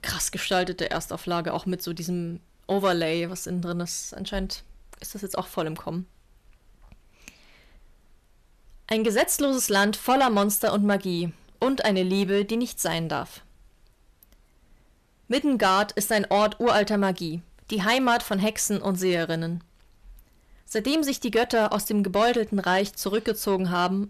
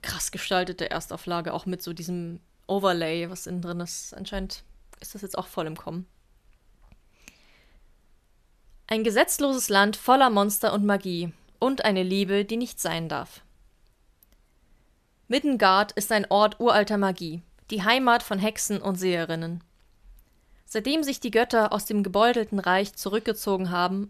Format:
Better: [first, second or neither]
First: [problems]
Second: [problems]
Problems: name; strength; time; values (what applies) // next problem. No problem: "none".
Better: second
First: distortion; slight; 10 dB below the speech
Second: none